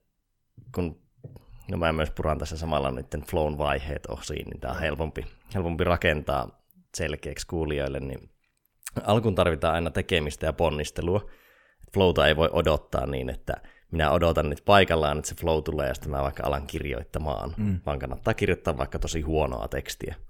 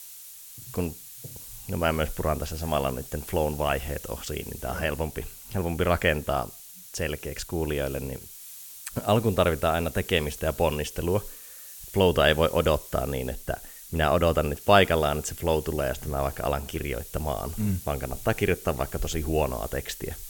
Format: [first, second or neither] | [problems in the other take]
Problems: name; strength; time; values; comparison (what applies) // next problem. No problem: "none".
first | hiss; noticeable; throughout; 15 dB below the speech